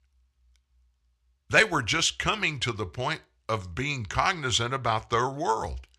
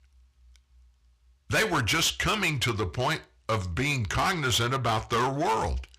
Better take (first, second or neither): first